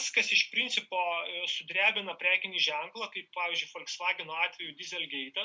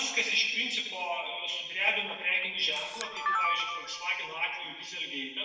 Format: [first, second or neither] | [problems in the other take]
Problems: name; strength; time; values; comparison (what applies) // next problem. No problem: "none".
first | background sound (Camera); 3 dB below the speech // room echo; dies away in 1.1 s